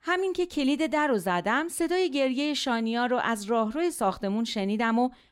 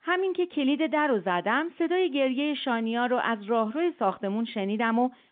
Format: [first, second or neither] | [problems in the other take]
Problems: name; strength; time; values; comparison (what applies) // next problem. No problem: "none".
first | phone-call audio